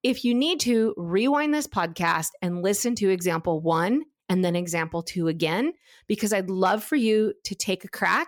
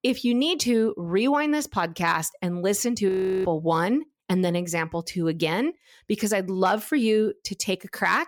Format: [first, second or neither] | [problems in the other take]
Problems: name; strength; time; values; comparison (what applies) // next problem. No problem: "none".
first | audio freezing; at 3 s